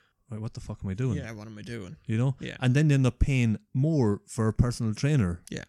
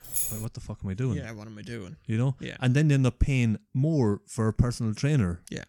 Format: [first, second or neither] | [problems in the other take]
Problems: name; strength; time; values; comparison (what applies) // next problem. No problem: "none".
first | jangling keys; noticeable; at the start; peak 1 dB below the speech